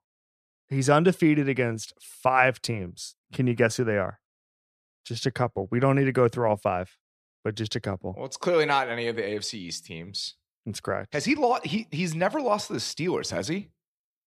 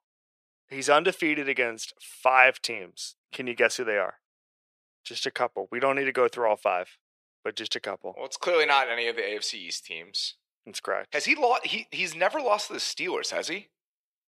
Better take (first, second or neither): first